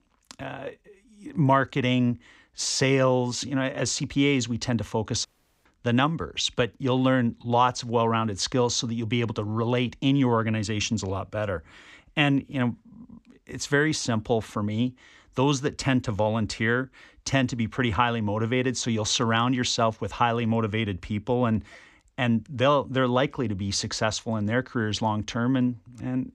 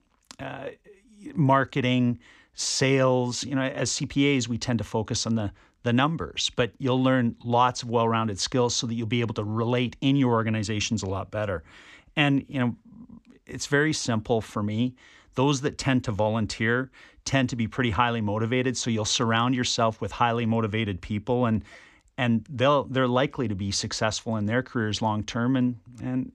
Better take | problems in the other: second | audio cutting out; at 5.5 s

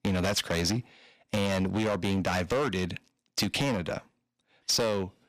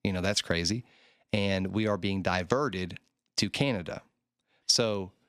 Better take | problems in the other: second | distortion; heavy; 12% of the sound clipped

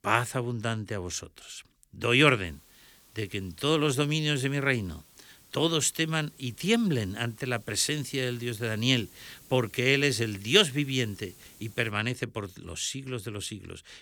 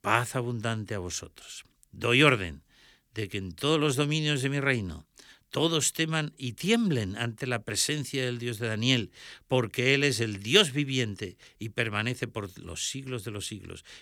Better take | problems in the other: second | hiss; faint; from 2.5 to 12 s; 25 dB below the speech

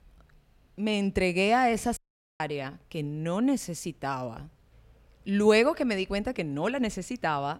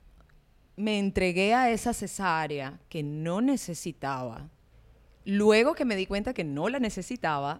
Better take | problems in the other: second | audio cutting out; at 2 s

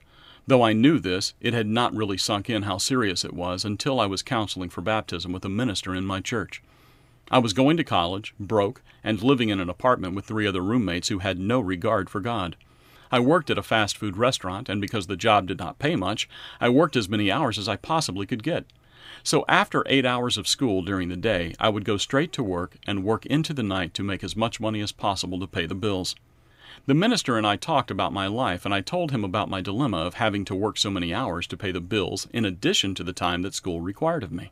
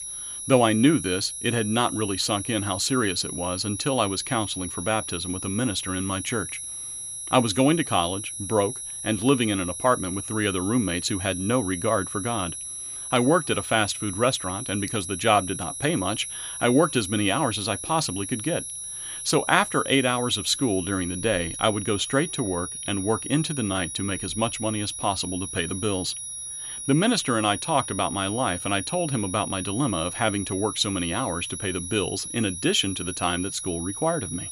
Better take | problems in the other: first | high-pitched whine; loud; throughout; 10.5 kHz, 7 dB below the speech

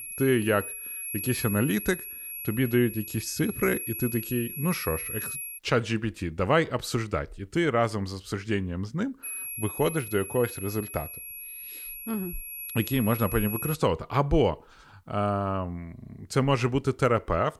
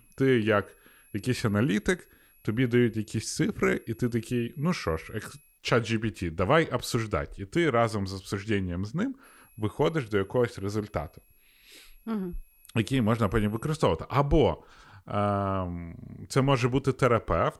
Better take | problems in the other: second | high-pitched whine; loud; until 5.5 s and from 9 to 14 s; 11.5 kHz, 7 dB below the speech; faint in the second

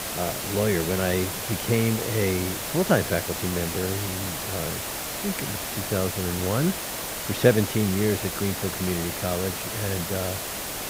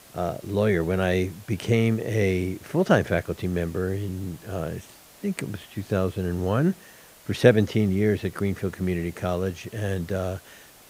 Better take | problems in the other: second | hiss; loud; throughout; 3 dB below the speech; faint in the second

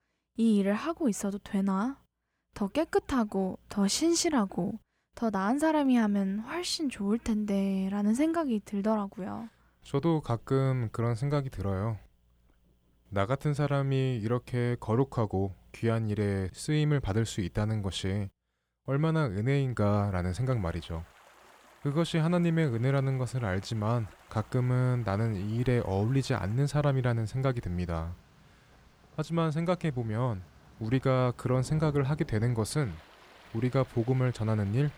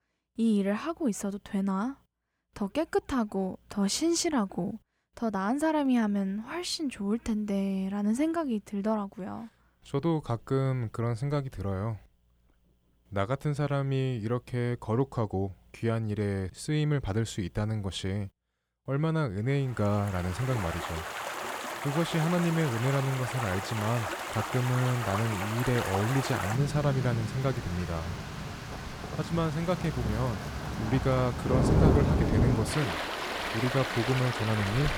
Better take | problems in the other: first | rain or running water; loud; from 20 s on; 2 dB below the speech; faint in the first

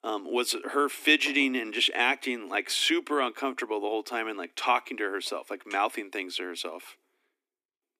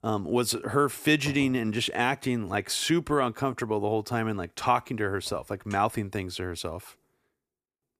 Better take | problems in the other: second | thin; very slightly; fading below 250 Hz

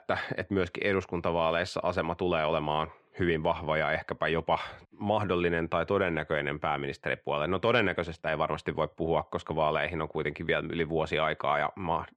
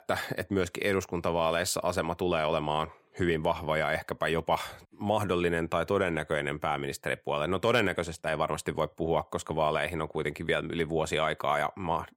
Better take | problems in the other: second | muffled; slightly; fading above 3 kHz

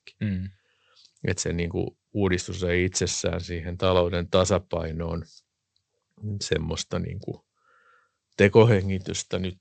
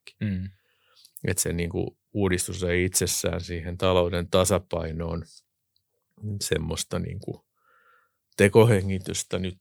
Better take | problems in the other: second | garbled, watery; slightly; nothing above 8 kHz

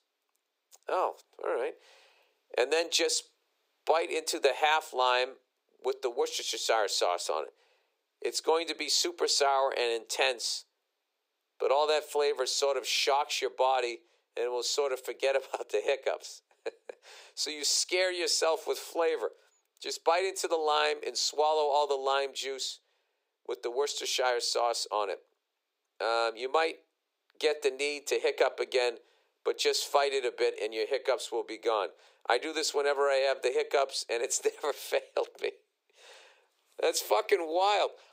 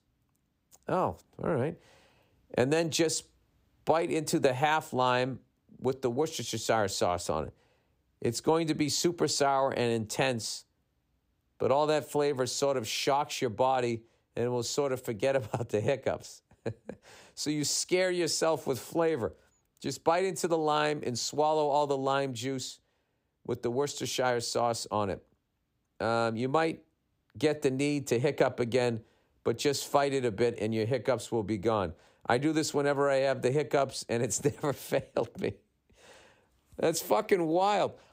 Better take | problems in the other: second | thin; very; fading below 400 Hz

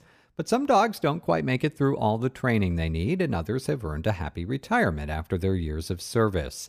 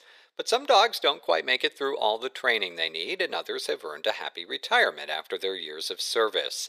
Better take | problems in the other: first | thin; very; fading below 450 Hz

